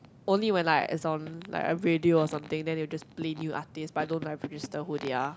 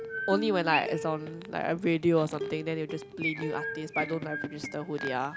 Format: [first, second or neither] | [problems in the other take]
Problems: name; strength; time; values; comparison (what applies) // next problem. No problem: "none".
first | background sound (Chirp, tweet + Plucked string instrument); 7 dB below the speech